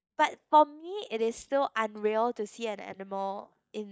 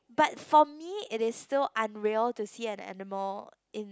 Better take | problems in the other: second | noise reduction (neural mask model DeepFilterNet 3)

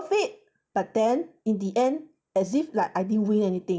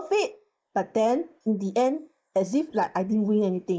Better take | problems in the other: first | noise reduction (neural mask model Resemble Enhance denoiser)

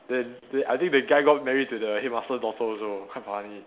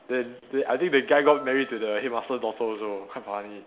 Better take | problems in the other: first | background sound (Piano); 17 dB below the speech

